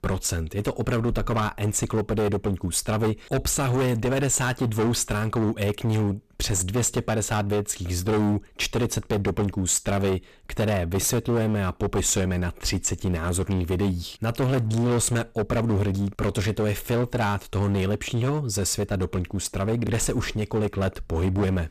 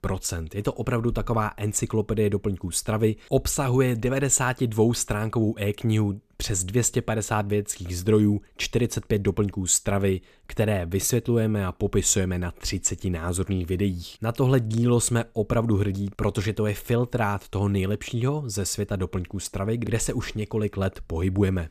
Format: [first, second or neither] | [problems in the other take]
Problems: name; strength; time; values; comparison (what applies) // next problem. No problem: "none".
second | distortion; heavy; 19% of the sound clipped